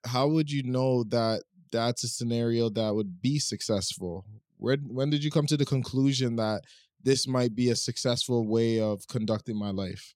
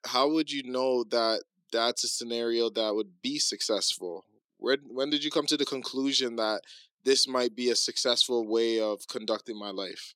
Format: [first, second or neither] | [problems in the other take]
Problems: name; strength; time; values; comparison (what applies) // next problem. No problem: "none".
first | thin; somewhat; fading below 300 Hz